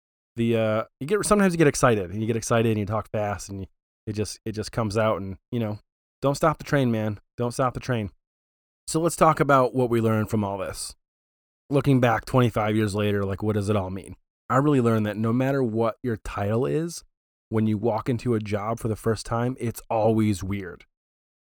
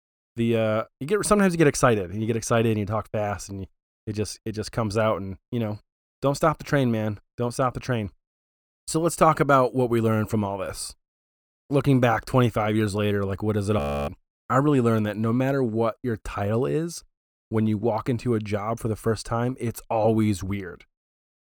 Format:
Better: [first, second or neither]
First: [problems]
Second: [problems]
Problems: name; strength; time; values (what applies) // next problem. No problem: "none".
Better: first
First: none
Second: audio freezing; at 14 s